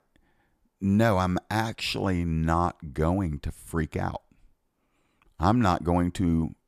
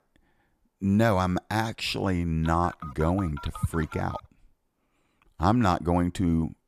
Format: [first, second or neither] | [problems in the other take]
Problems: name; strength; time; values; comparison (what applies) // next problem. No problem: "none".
first | phone ringing; noticeable; from 2.5 to 4 s; peak 7 dB below the speech